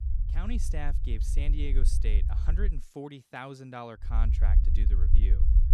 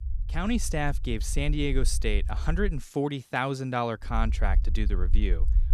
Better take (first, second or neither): second